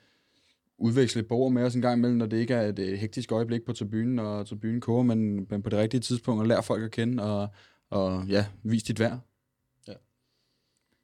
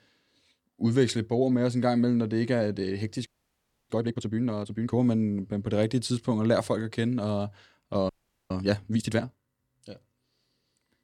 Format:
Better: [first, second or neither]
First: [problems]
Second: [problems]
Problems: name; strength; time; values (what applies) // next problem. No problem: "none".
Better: first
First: none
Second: audio freezing; at 3.5 s for 0.5 s and at 8 s